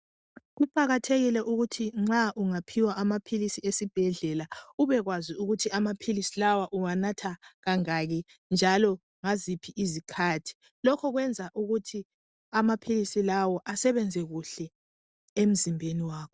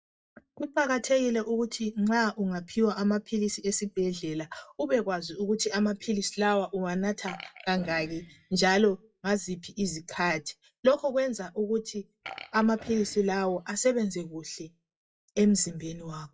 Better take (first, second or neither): first